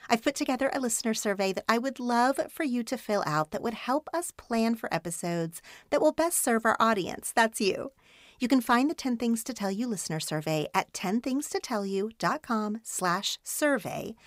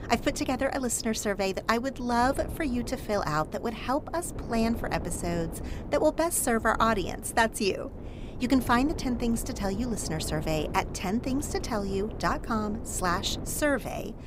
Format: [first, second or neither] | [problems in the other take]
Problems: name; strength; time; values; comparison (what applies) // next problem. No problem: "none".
first | wind noise on the microphone; occasional gusts; 15 dB below the speech